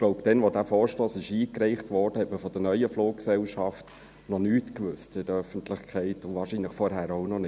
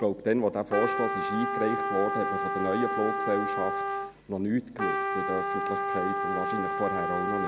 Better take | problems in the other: first | background sound (Trumpet); as loud as the speech

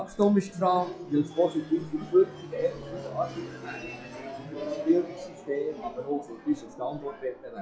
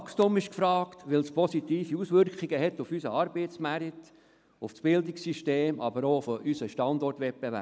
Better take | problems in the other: second | noise reduction (classical method WPE with log-MMSE)

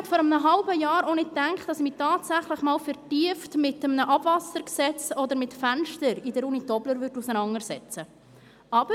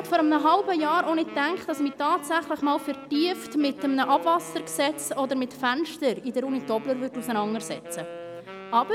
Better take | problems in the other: first | background sound (Wind instrument, woodwind instrument); 15 dB below the speech

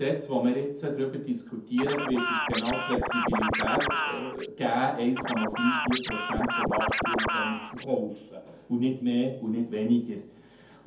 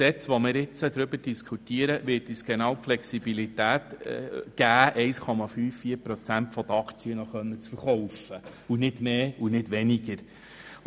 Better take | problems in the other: second | background sound (Scratching (performance technique)); as loud as the speech // room echo; dies away in 0.5 s

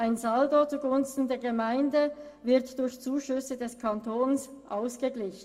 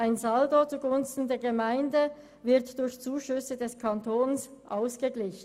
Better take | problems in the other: second | room echo; dies away in 0.3 s

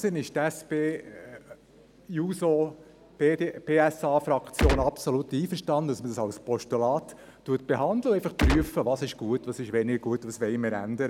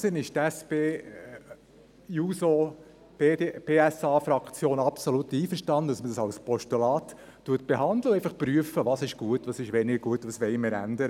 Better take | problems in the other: second | background sound (Gunshot, gunfire); 4 dB above the speech

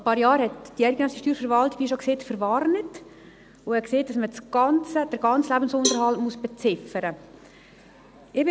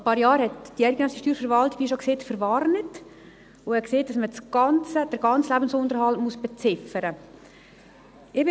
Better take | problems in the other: second | background sound (Cowbell); 9 dB below the speech

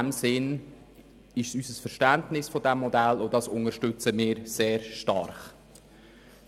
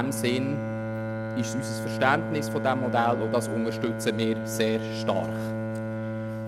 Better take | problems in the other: first | background sound (Bowed string instrument); 2 dB below the speech

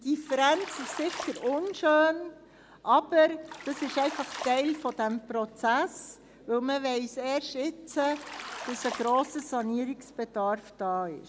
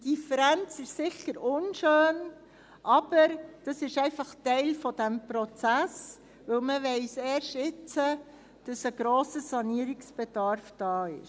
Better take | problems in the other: second | background sound (Bathtub (filling or washing)); 14 dB below the speech

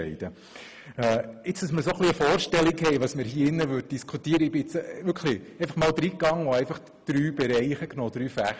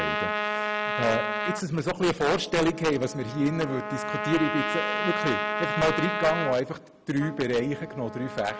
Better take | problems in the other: first | background sound (Trumpet); 3 dB below the speech

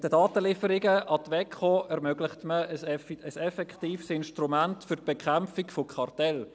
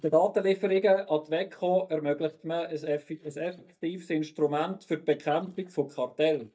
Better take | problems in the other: first | noise reduction (neural mask model DeepFilterNet 3)

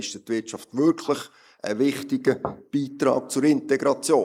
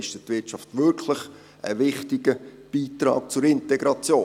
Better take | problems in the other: second | noise reduction (neural mask model Resemble Enhance denoiser)

